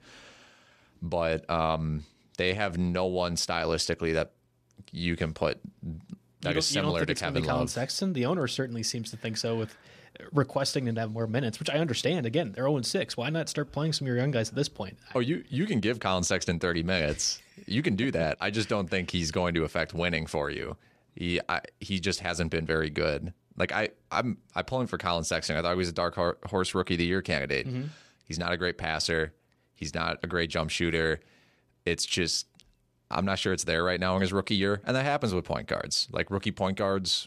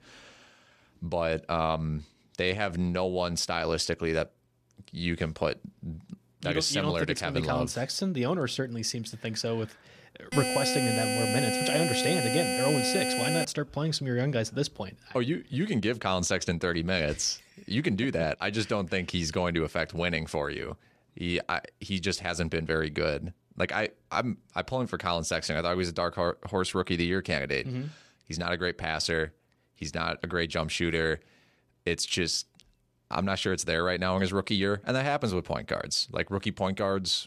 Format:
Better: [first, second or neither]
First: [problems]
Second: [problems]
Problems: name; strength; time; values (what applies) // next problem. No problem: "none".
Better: first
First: none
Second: alarm; loud; from 10 to 13 s; peak 2 dB above the speech